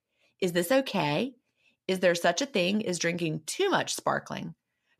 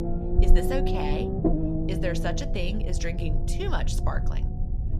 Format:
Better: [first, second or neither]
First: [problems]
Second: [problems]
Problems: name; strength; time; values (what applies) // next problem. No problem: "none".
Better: first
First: none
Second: low rumble; loud; throughout; 1 dB below the speech